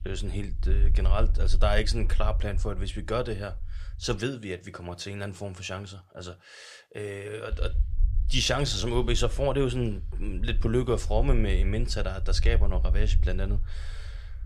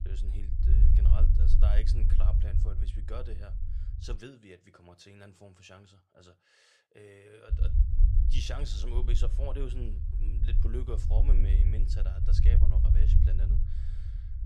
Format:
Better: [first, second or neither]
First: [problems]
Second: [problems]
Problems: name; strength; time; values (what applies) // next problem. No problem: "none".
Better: first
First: low rumble; faint; until 4 s and from 7.5 s on; 20 dB below the speech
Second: low rumble; loud; until 4 s and from 7.5 s on; 2 dB below the speech